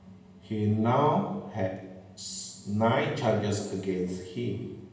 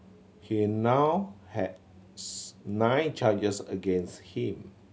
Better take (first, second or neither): second